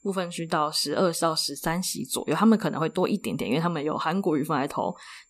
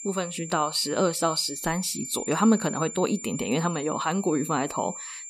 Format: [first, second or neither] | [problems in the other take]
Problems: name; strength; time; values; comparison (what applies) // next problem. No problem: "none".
first | high-pitched whine; loud; throughout; 7 kHz, 9 dB below the speech; faint in the first